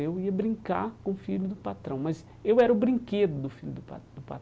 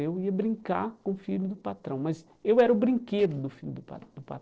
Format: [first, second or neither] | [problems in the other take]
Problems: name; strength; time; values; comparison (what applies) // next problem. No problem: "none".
first | noise reduction (neural separator model SepFormer DNS4)